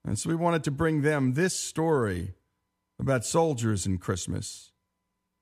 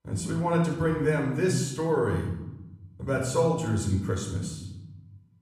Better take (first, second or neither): first